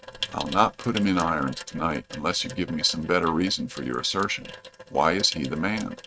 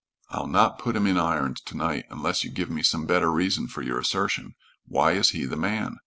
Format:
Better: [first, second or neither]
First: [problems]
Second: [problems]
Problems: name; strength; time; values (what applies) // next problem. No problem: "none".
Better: second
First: noise reduction (neural mask model RNNoise)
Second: none